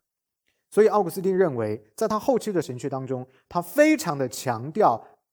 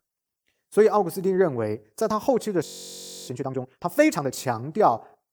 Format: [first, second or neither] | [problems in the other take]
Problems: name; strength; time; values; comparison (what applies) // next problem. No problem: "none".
first | audio freezing; at 2.5 s for 0.5 s